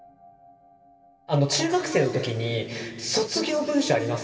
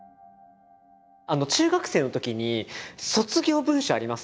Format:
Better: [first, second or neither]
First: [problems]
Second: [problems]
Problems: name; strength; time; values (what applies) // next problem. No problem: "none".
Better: second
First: room echo; dies away in 2.7 s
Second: none